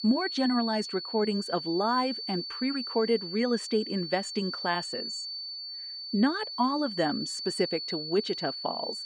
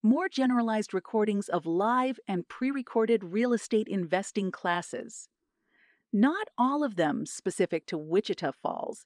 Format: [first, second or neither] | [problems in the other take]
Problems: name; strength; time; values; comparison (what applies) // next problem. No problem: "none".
second | high-pitched whine; loud; throughout; 4.5 kHz, 5 dB below the speech